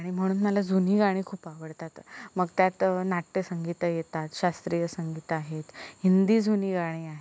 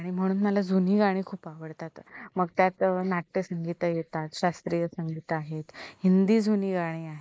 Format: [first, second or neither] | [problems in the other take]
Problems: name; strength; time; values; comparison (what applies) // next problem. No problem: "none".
first | noise reduction (neural mask model Resemble Enhance denoiser)